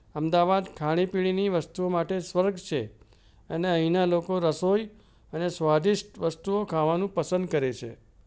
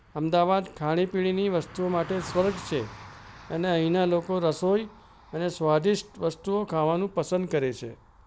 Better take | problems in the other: first | background sound (Car passing by); 20 dB below the speech

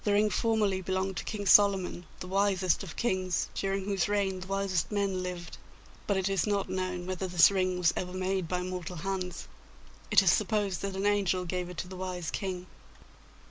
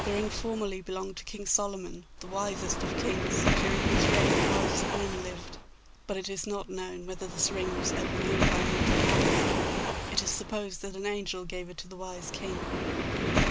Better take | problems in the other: first | background sound (Waves, surf); 4 dB above the speech

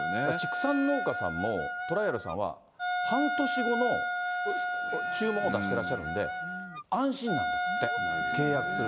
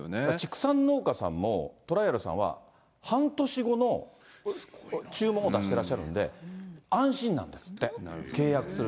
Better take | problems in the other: second | background sound (Wind instrument, woodwind instrument); as loud as the speech

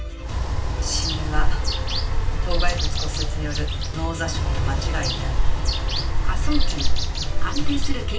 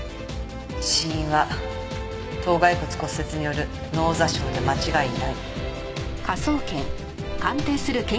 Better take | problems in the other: second | background sound (Bird); 2 dB above the speech // room echo; dies away in 0.2 s

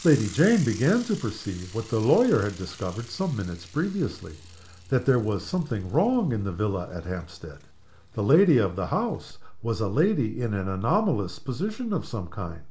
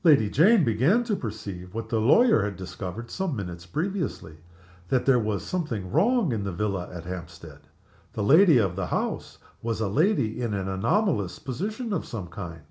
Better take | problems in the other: second | background sound (Mechanisms / Bicycle); 17 dB below the speech

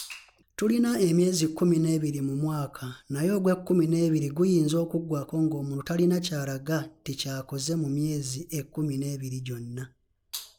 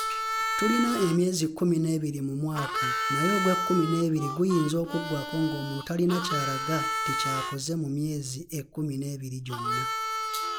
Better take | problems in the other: first | background sound (Harmonica); 4 dB below the speech

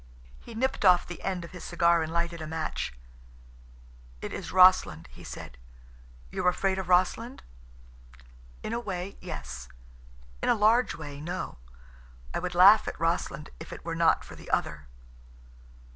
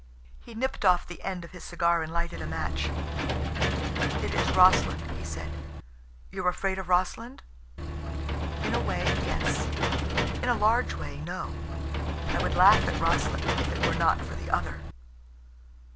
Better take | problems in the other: first | background sound (Engine / Mechanisms); as loud as the speech

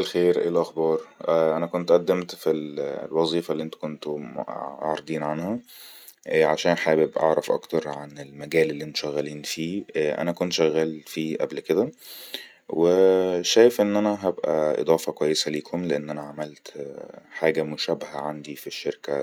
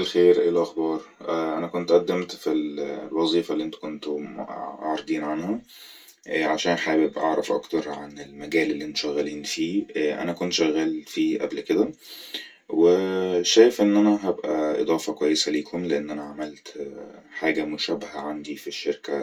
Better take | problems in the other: first | room echo; dies away in 0.1 s

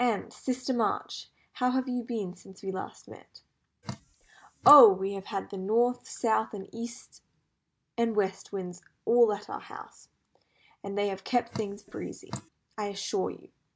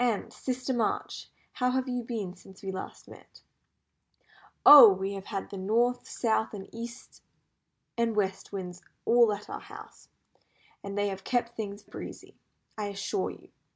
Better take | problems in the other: second | background sound (Drip); 12 dB below the speech

